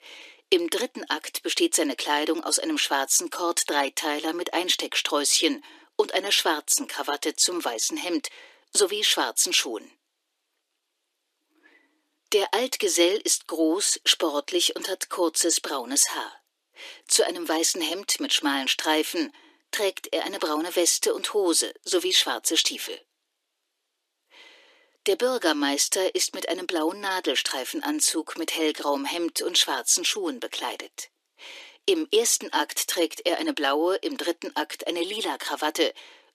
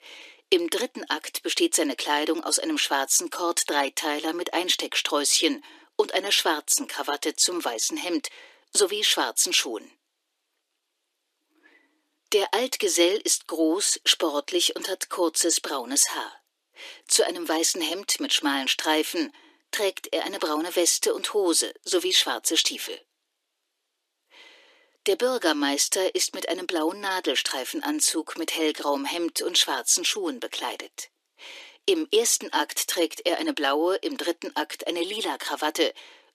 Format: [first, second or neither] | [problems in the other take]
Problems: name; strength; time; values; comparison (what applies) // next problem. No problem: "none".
neither | thin; very; fading below 300 Hz; the same in both